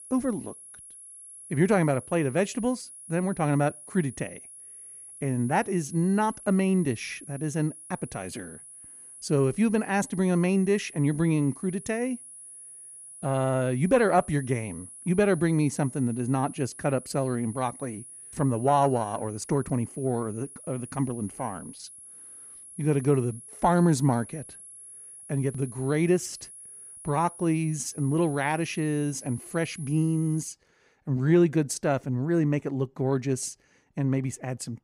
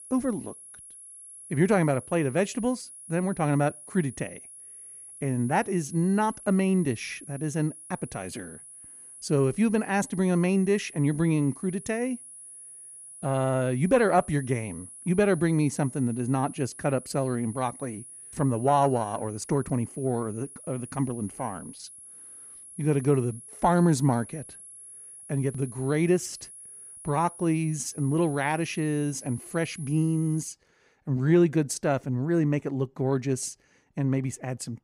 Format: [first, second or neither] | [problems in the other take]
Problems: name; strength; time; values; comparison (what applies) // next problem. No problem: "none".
neither | high-pitched whine; noticeable; until 31 s; 11 kHz, 15 dB below the speech; the same in both